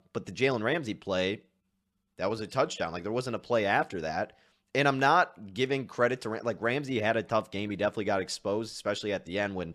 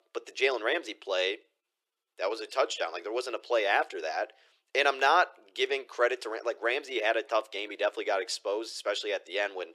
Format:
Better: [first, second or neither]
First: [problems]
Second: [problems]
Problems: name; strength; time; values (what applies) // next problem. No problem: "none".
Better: first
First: none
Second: thin; very; fading below 350 Hz